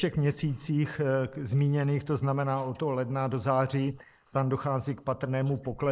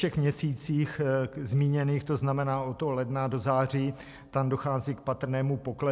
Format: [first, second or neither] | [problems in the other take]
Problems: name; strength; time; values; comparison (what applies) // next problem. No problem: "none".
second | noise reduction (neural mask model Resemble Enhance denoiser)